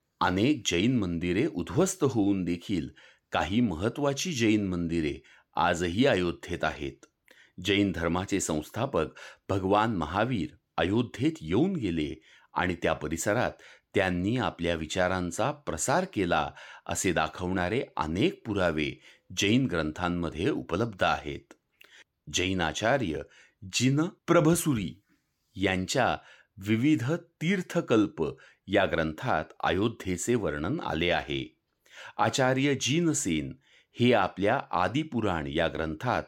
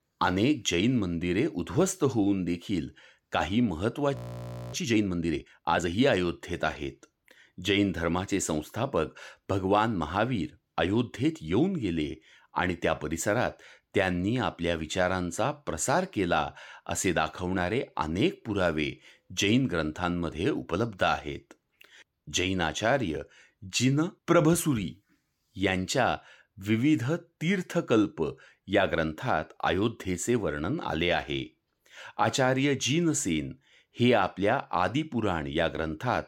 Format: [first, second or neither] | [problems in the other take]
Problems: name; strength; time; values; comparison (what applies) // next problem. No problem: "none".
first | audio freezing; at 4 s for 0.5 s